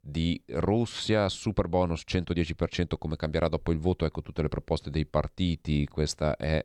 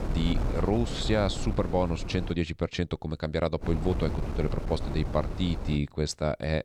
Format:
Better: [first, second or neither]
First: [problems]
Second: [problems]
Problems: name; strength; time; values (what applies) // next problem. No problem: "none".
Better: first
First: none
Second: wind noise on the microphone; heavy; until 2.5 s and from 3.5 to 6 s; 9 dB below the speech